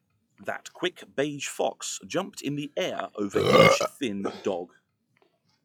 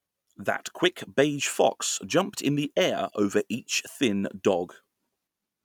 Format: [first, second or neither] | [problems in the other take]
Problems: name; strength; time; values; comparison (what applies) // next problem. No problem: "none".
second | noise reduction (classical method log-MMSE)